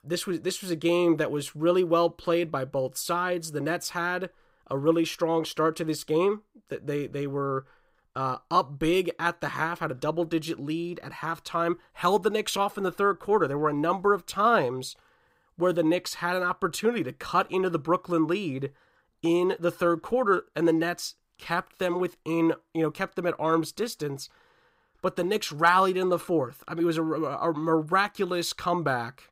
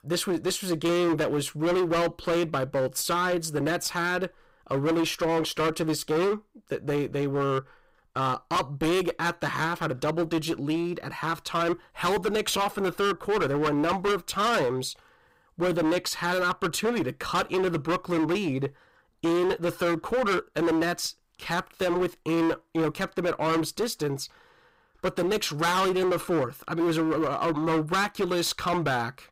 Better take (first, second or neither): first